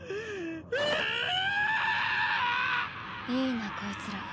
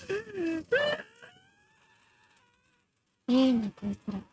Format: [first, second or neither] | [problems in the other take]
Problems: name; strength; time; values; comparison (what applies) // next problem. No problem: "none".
first | noise reduction (neural mask model RNNoise)